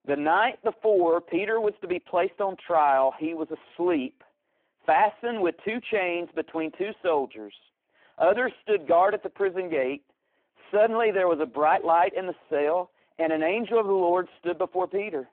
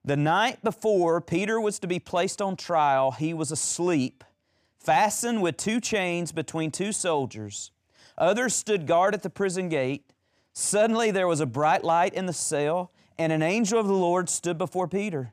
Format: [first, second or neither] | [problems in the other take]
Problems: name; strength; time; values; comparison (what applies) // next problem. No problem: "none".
second | phone-call audio; poor line